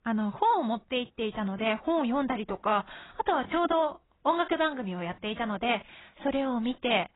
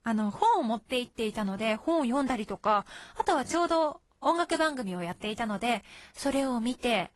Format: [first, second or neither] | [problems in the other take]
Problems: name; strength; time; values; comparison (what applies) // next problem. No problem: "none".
second | garbled, watery; badly; nothing above 4 kHz; slightly in the second